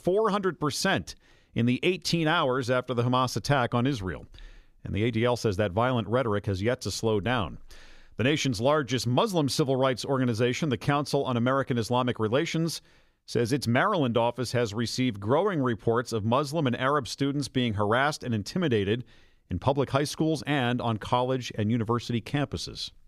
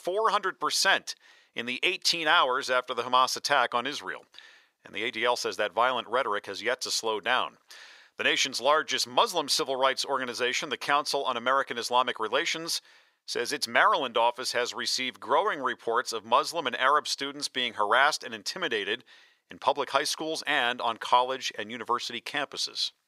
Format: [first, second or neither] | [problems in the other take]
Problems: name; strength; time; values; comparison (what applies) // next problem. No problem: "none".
first | thin; very; fading below 650 Hz